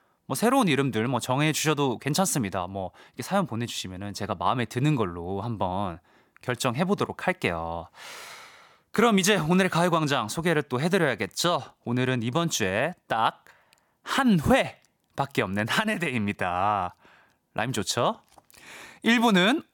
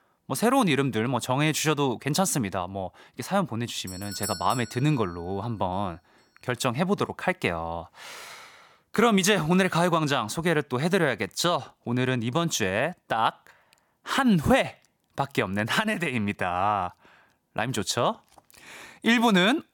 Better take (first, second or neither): first